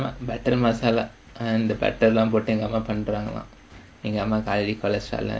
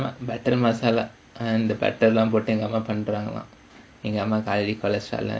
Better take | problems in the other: second | background sound (Drum kit); 19 dB below the speech

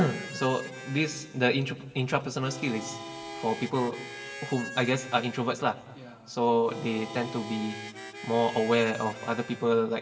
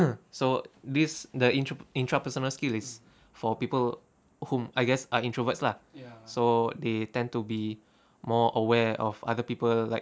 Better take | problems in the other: second | background sound (Harmonica); 13 dB below the speech // room echo; dies away in 2.3 s

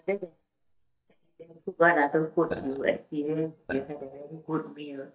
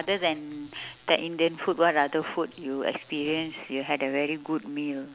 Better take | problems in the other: second | noise reduction (neural mask model DeepFilterNet 3)

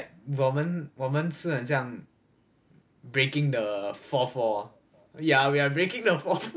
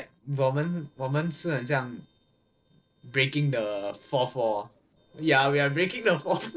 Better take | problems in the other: first | noise reduction (neural separator model SepFormer DNS4)

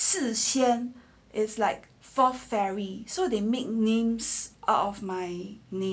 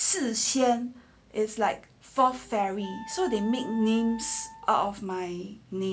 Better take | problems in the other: first | background sound (Wind instrument, woodwind instrument); 17 dB below the speech

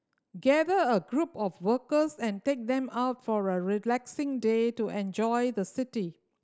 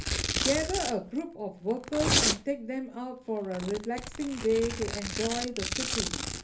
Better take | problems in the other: first | background sound (Domestic sounds, home sounds); 1 dB below the speech // room echo; dies away in 0.3 s

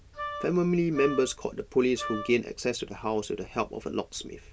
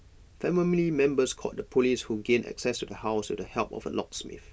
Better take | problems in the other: second | background sound (Wind instrument, woodwind instrument); 10 dB below the speech

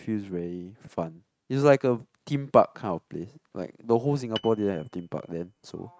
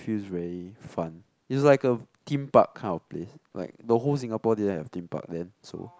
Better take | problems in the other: second | noise reduction (neural mask model RNNoise)

